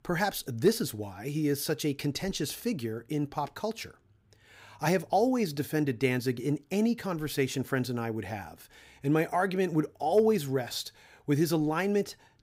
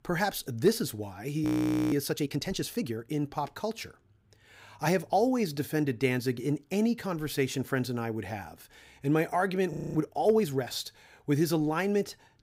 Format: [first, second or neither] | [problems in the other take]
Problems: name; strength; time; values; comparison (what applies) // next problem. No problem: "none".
first | audio freezing; at 1.5 s and at 9.5 s